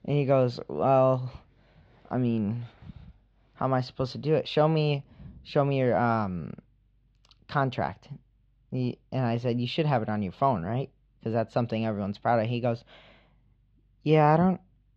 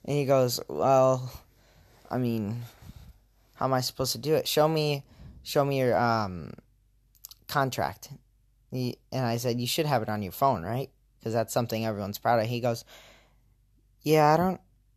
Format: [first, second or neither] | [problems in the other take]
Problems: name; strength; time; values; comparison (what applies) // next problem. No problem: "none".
second | muffled; slightly; fading above 3.5 kHz